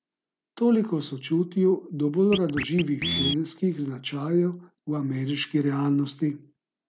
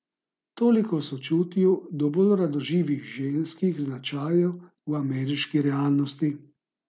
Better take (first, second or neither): second